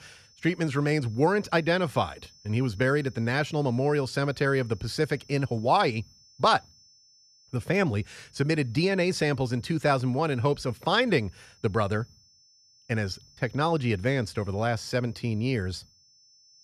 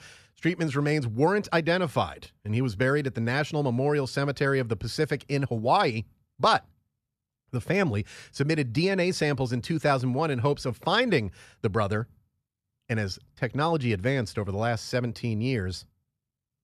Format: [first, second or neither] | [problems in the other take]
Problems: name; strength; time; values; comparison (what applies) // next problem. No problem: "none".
second | high-pitched whine; faint; throughout; 5.5 kHz, 30 dB below the speech